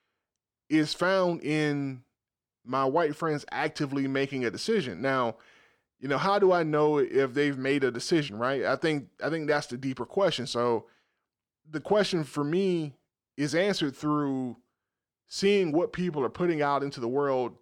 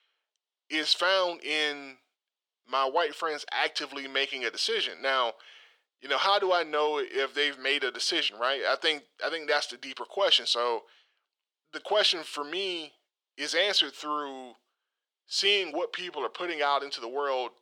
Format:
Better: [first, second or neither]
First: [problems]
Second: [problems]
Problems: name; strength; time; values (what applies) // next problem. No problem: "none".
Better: first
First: none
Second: thin; very; fading below 500 Hz